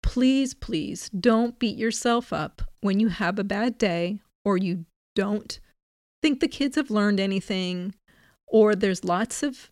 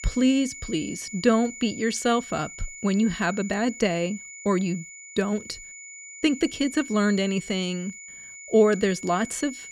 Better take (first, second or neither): first